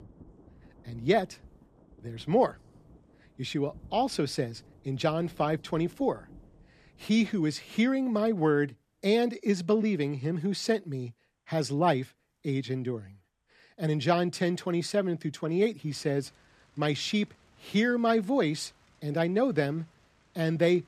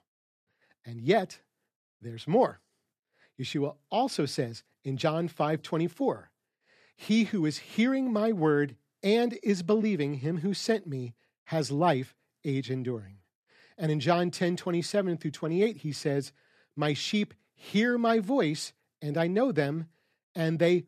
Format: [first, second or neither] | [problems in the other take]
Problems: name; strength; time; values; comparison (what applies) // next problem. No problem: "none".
second | rain or running water; faint; throughout; 30 dB below the speech